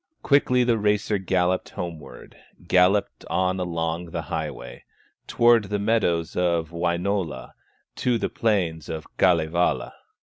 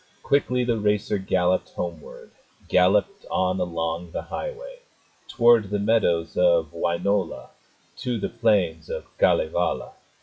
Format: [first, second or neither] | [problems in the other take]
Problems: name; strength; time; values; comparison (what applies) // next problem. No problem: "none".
first | noise reduction (classical method WPE with log-MMSE)